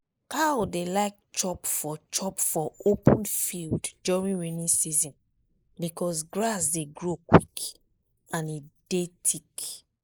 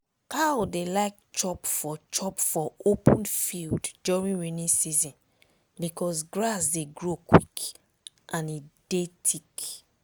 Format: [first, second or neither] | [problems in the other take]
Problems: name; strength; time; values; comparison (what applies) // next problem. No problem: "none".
second | noise reduction (neural mask model Resemble Enhance denoiser)